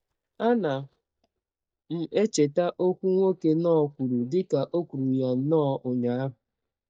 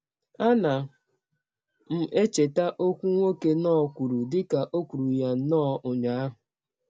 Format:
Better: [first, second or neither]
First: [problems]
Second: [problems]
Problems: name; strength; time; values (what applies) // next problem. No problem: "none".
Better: second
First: noise reduction (neural mask model DeepFilterNet 3)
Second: none